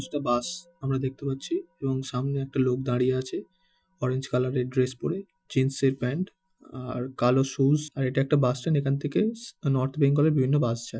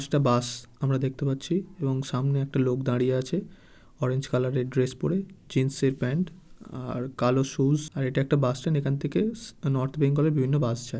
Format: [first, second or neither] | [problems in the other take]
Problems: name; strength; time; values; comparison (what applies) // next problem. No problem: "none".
second | noise reduction (classical method Wiener filter)